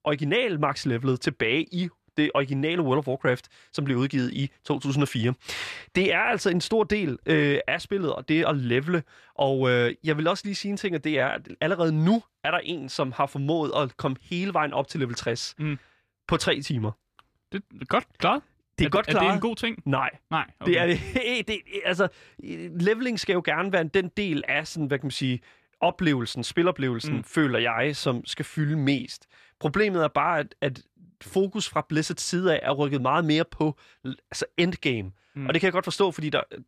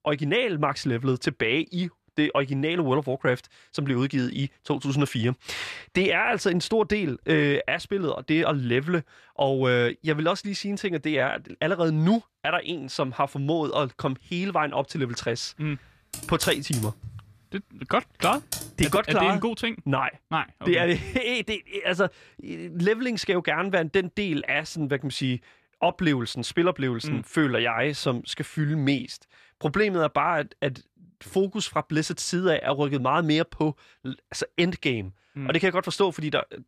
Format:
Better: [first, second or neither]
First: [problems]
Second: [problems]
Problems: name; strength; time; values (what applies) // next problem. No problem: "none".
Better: first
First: none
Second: keyboard typing; noticeable; from 16 to 19 s; peak 6 dB below the speech